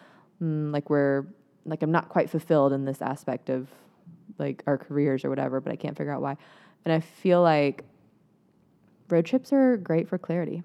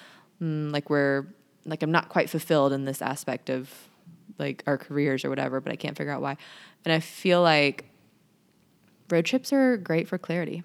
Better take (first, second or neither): second